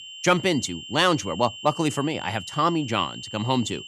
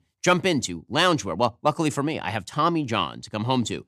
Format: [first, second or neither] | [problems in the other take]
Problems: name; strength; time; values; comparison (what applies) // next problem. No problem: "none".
second | high-pitched whine; noticeable; throughout; 3 kHz, 10 dB below the speech